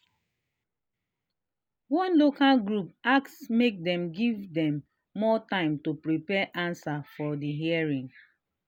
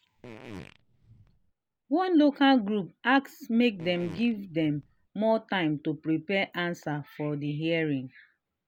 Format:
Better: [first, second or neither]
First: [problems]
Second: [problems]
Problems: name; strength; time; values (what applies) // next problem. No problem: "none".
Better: first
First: none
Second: background sound (Fart); 19 dB below the speech